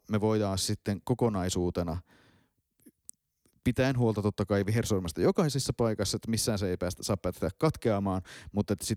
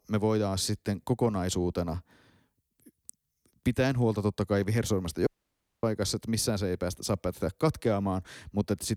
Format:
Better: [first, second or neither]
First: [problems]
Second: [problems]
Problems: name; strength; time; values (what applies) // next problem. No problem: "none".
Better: first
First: none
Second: audio cutting out; at 5.5 s for 0.5 s